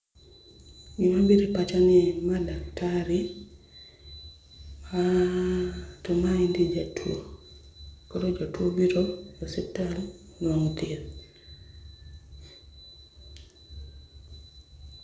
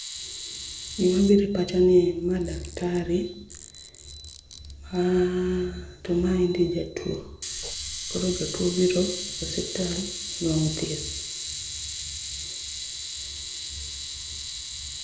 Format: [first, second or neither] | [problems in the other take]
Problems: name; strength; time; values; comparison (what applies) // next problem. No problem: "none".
first | background sound (Camera); 9 dB below the speech